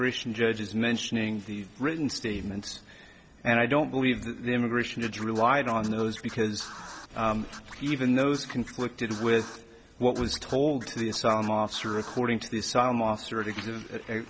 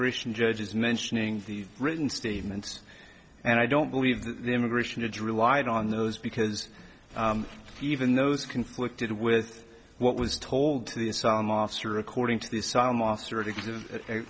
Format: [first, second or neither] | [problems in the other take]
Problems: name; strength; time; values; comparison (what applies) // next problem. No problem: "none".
second | background sound (Scratching (performance technique)); 18 dB below the speech